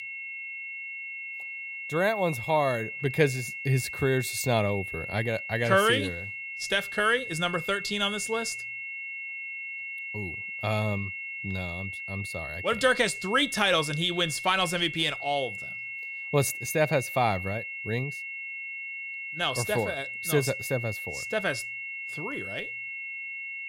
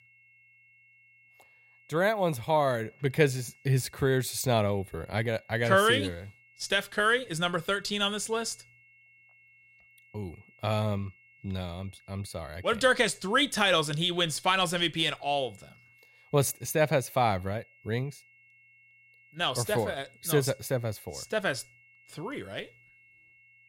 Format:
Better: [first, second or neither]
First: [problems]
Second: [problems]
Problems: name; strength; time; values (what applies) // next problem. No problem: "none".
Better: second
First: high-pitched whine; loud; throughout; 2 kHz, 7 dB below the speech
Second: high-pitched whine; faint; throughout; 2 kHz, 30 dB below the speech